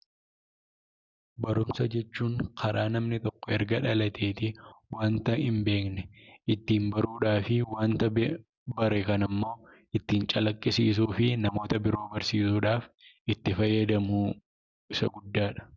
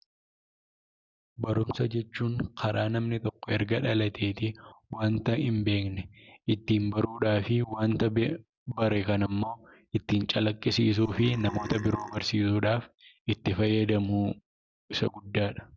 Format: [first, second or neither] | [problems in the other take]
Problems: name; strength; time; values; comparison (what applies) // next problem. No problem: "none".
first | background sound (Burping, eructation); 15 dB below the speech